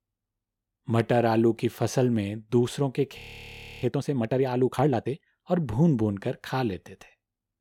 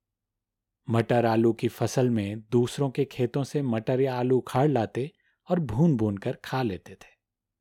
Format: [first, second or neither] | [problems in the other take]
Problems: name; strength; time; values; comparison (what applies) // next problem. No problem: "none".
second | audio freezing; at 3 s for 0.5 s